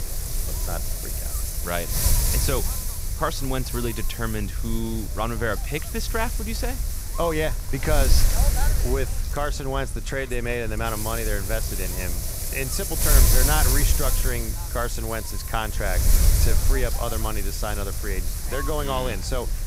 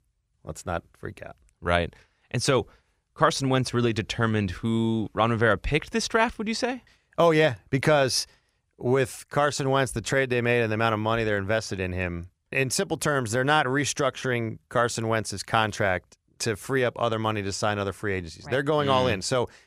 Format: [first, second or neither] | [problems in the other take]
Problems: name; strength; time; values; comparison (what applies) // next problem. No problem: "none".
second | wind noise on the microphone; heavy; 3 dB below the speech